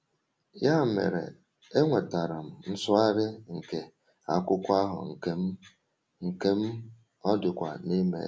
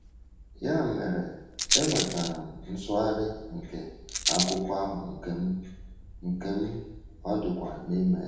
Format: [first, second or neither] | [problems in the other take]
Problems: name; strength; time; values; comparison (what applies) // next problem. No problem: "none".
first | background sound (Rattle); 5 dB below the speech // room echo; dies away in 0.8 s